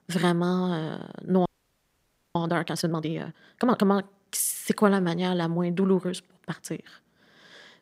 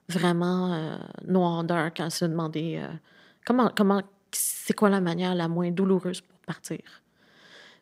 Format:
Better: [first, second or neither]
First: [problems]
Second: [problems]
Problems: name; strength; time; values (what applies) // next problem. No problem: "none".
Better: second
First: audio freezing; at 1.5 s for 1 s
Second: none